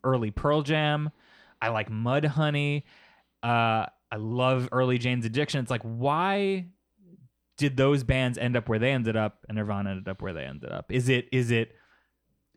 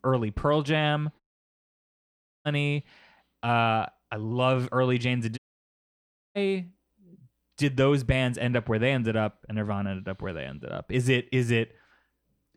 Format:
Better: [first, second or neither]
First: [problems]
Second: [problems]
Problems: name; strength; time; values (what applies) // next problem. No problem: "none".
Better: first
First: none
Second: audio cutting out; at 1 s for 1.5 s and at 5.5 s for 1 s